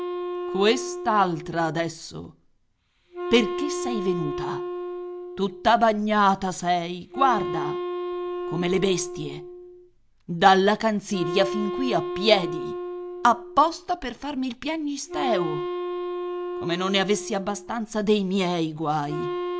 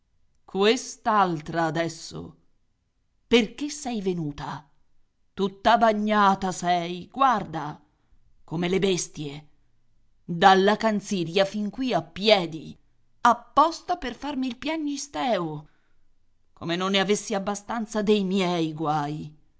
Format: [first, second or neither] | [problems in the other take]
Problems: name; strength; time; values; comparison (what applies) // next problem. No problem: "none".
second | background sound (Wind instrument, woodwind instrument); 7 dB below the speech